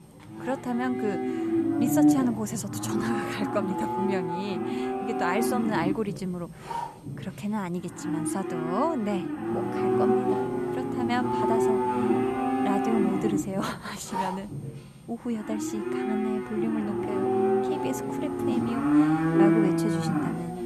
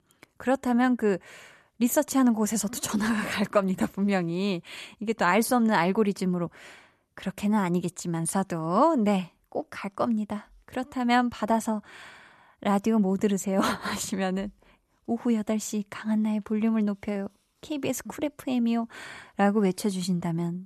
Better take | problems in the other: second | animal sounds; very loud; throughout; 5 dB above the speech

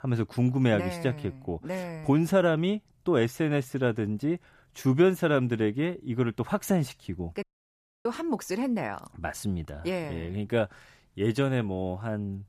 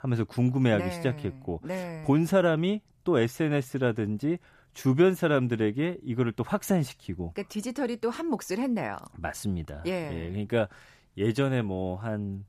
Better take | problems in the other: second | audio cutting out; at 7.5 s for 0.5 s

